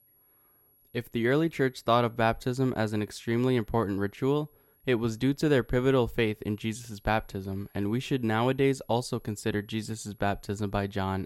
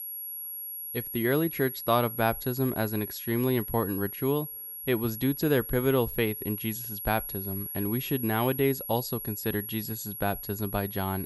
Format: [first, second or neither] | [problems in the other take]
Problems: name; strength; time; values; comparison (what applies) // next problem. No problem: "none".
first | high-pitched whine; loud; throughout; 11.5 kHz, 6 dB below the speech; faint in the first